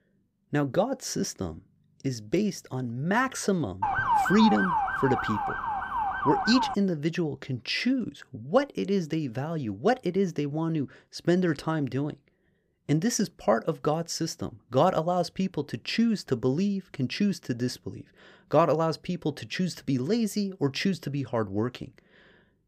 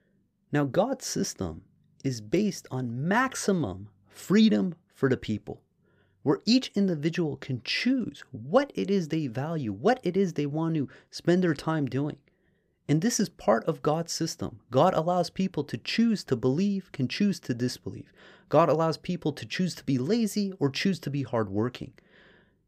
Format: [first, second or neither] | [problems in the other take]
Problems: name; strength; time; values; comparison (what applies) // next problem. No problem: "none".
second | siren; loud; from 4 to 6.5 s; peak 3 dB above the speech